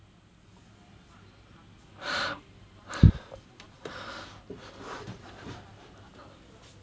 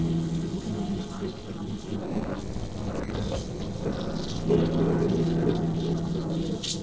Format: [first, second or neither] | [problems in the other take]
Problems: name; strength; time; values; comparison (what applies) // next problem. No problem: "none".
first | noise reduction (neural separator model SepFormer DNS4)